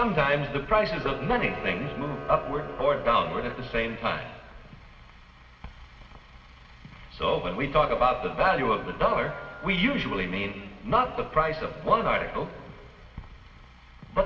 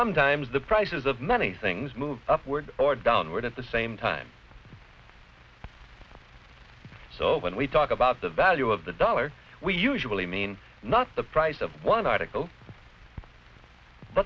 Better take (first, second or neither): second